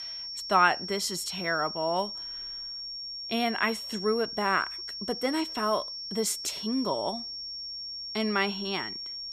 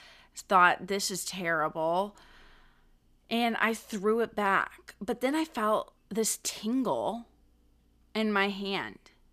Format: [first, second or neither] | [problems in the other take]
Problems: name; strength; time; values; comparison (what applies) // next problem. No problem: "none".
second | high-pitched whine; loud; throughout; 5.5 kHz, 6 dB below the speech